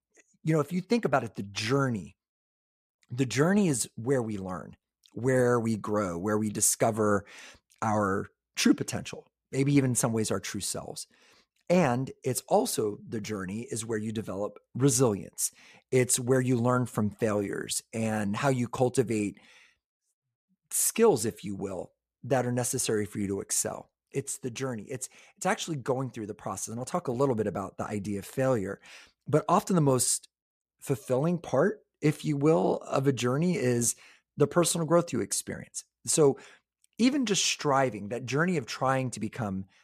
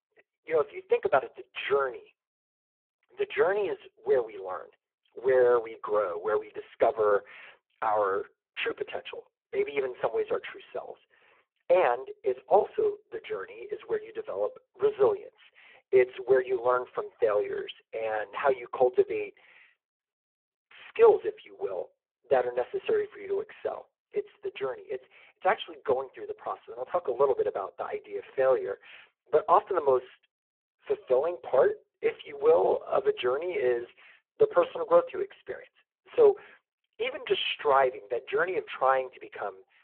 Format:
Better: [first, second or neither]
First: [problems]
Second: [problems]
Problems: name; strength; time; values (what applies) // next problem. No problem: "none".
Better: first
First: none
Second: phone-call audio; poor line